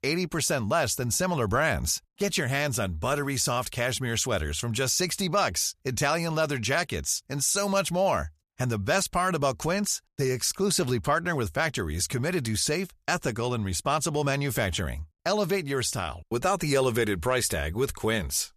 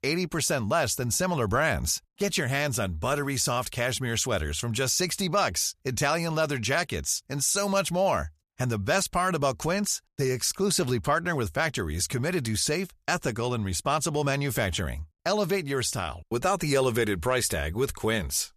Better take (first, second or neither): neither